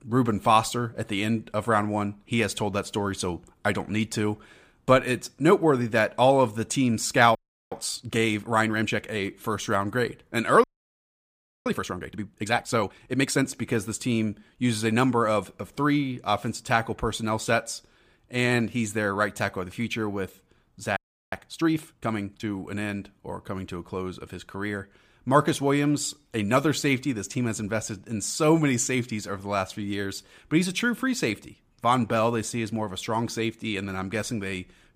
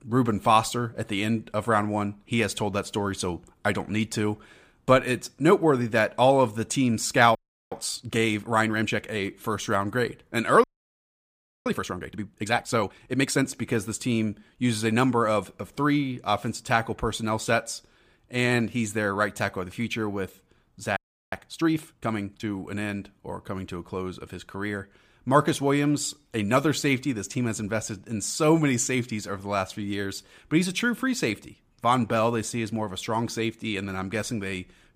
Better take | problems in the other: neither | audio freezing; at 7.5 s, at 11 s for 1 s and at 21 s; the same in both

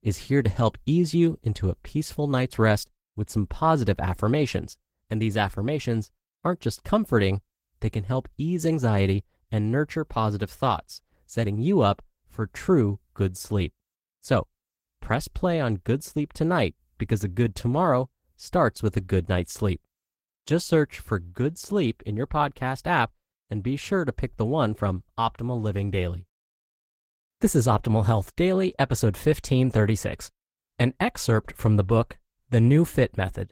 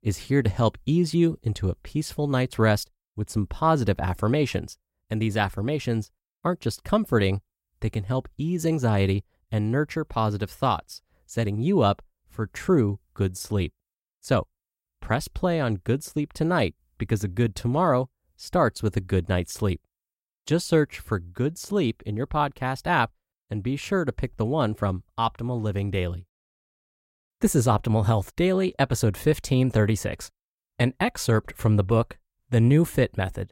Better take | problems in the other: second | garbled, watery; slightly; nothing above 16 kHz

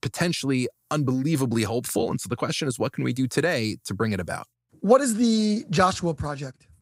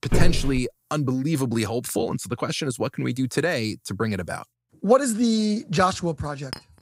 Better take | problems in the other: first | footsteps; noticeable; at the start; peak level with the speech // clattering dishes; faint; at 6.5 s; peak 15 dB below the speech

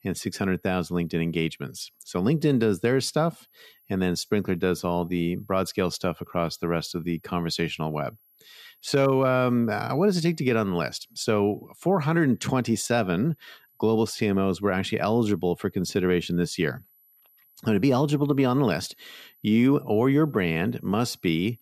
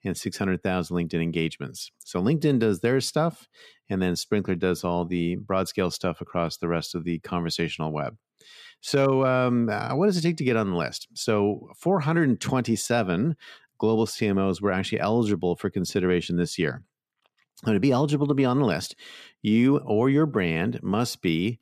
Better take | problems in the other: second | high-pitched whine; faint; throughout; 11.5 kHz, 35 dB below the speech

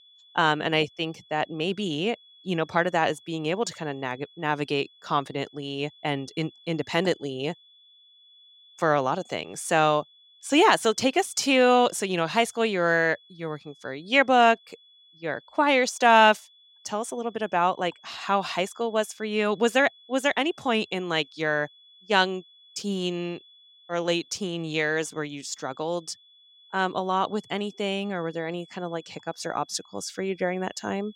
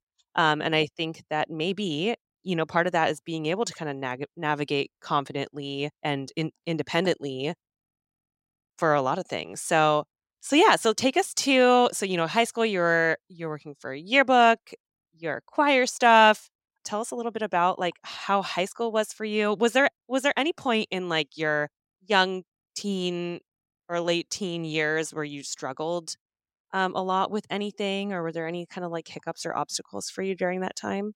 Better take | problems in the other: second | high-pitched whine; faint; throughout; 3.5 kHz, 25 dB below the speech

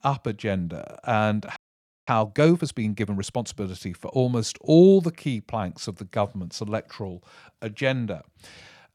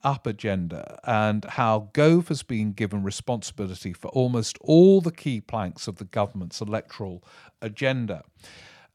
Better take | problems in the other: second | audio freezing; at 1.5 s for 0.5 s

